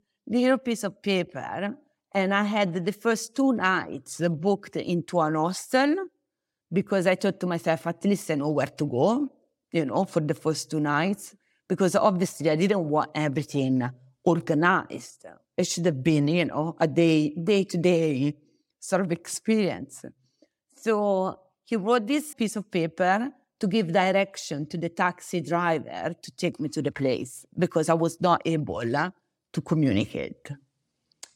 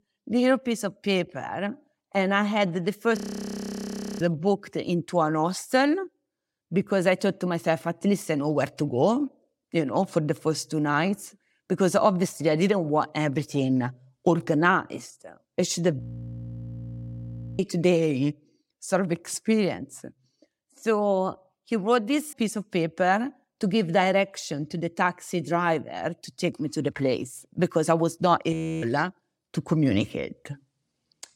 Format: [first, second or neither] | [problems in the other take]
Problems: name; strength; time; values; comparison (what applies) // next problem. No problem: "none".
first | audio freezing; at 3 s for 1 s, at 16 s for 1.5 s and at 29 s